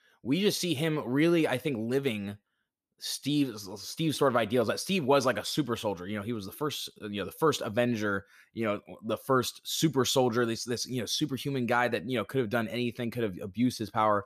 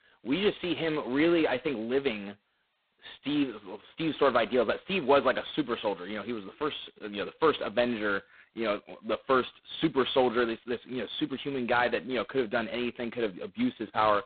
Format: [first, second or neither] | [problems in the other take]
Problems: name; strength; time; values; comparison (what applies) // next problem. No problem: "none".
first | phone-call audio; poor line; nothing above 4 kHz